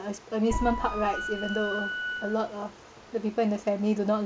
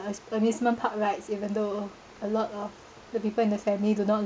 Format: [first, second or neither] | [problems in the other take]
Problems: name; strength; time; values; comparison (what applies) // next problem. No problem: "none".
second | background sound (Boom + Wind instrument, woodwind instrument); 5 dB below the speech